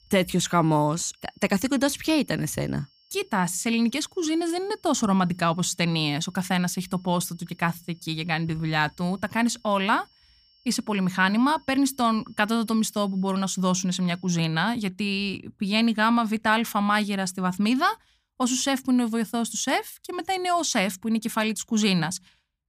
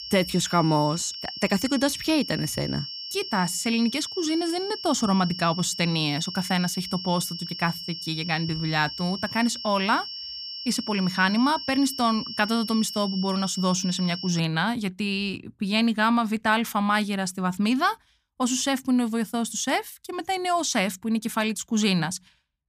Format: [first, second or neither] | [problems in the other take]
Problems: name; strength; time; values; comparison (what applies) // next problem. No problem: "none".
first | high-pitched whine; loud; until 14 s; 5.5 kHz, 8 dB below the speech; faint in the first